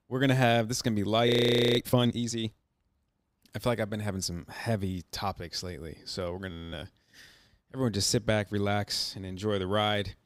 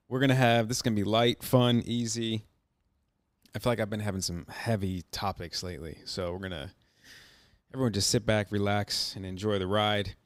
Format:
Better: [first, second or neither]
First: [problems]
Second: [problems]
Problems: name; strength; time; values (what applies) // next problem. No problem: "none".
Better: second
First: audio freezing; at 1.5 s and at 6.5 s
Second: none